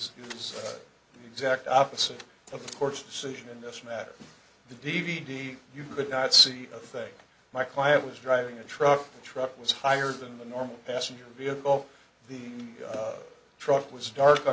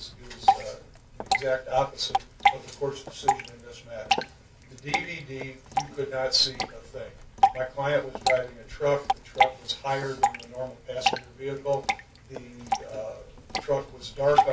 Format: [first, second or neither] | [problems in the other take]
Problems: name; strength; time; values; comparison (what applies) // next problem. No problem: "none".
first | background sound (Drip / Water); 2 dB above the speech // room echo; dies away in 0.2 s